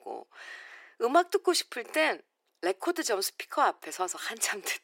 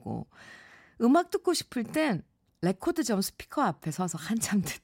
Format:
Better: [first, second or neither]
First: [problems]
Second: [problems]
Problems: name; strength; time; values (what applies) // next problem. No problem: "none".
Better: second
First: thin; very; fading below 350 Hz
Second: none